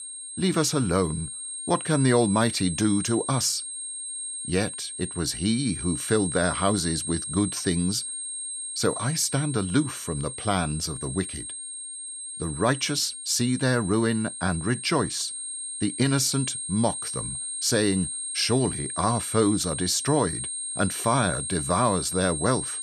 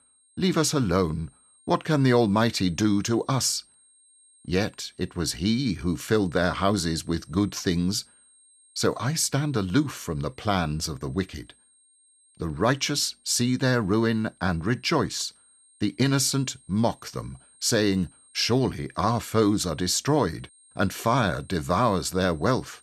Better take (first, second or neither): second